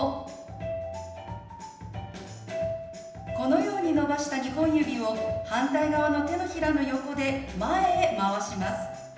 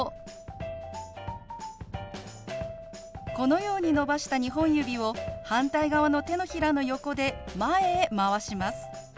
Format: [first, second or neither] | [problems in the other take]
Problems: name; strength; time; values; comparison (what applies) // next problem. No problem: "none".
second | room echo; dies away in 0.9 s